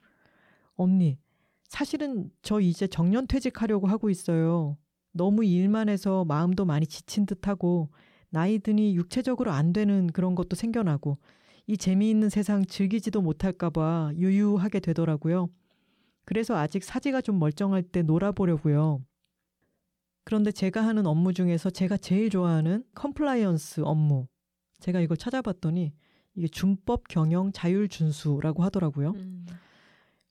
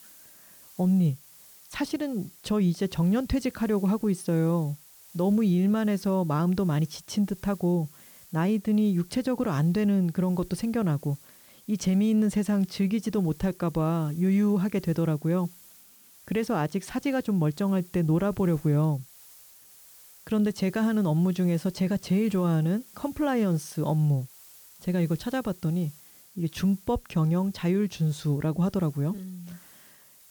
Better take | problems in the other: first | hiss; faint; throughout; 25 dB below the speech

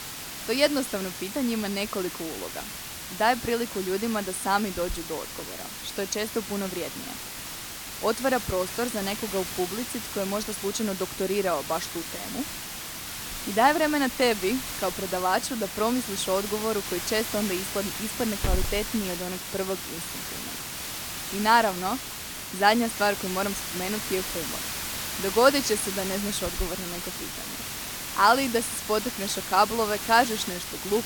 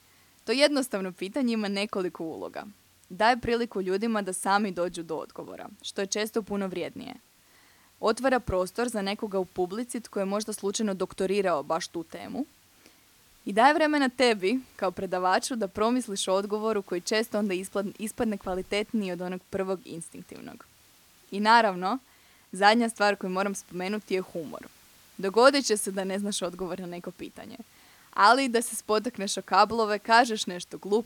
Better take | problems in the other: second | hiss; loud; throughout; 6 dB below the speech; faint in the second

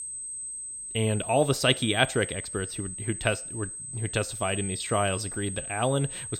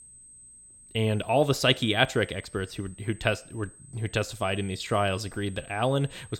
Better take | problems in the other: second | high-pitched whine; loud; throughout; 8.5 kHz, 7 dB below the speech; faint in the second

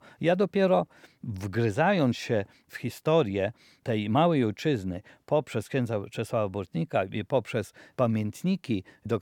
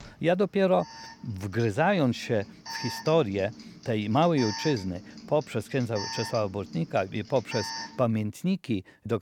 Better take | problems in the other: first | alarm; noticeable; until 8 s; peak 5 dB below the speech

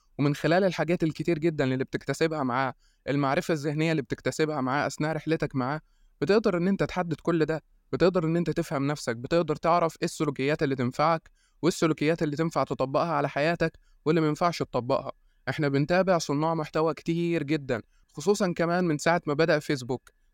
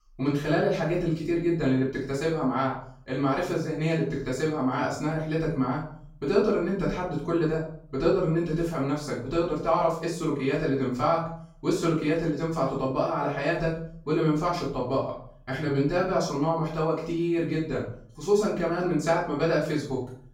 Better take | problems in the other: first | off-mic speech; far // room echo; noticeable; dies away in 0.5 s

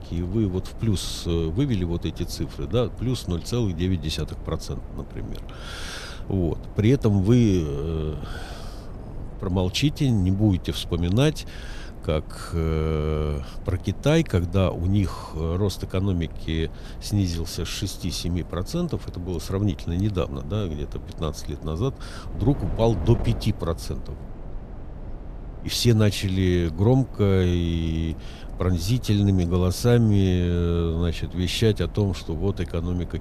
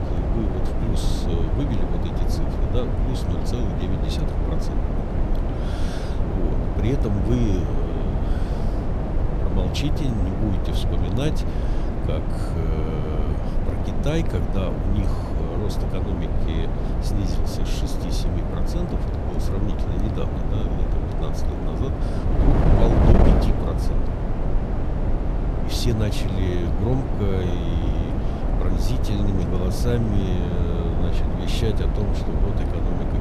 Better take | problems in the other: first | wind noise on the microphone; heavy; 2 dB above the speech; occasional gusts in the first

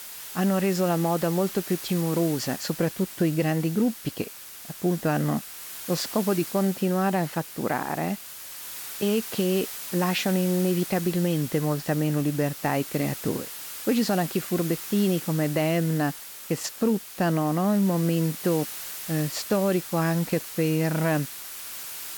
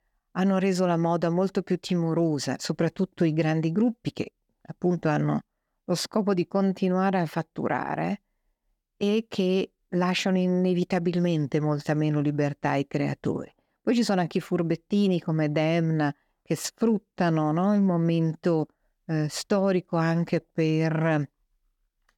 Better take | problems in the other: second | hiss; loud; throughout; 9 dB below the speech

